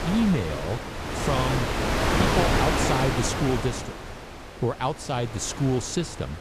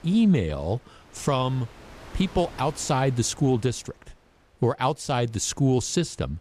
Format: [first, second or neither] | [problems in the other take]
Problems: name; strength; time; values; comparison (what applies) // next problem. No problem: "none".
second | wind noise on the microphone; heavy; 3 dB above the speech; occasional gusts in the second